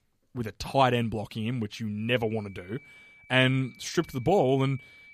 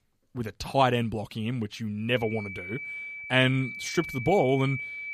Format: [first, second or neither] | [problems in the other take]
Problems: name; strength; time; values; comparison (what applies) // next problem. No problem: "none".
first | high-pitched whine; loud; from 2 s on; 2.5 kHz, 8 dB below the speech; faint in the first